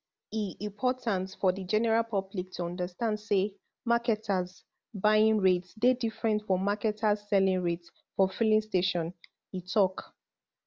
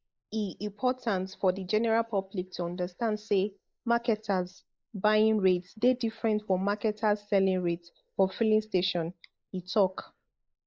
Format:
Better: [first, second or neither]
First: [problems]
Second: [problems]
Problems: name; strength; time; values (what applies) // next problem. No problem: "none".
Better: first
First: none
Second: noise reduction (neural mask model Resemble Enhance denoiser)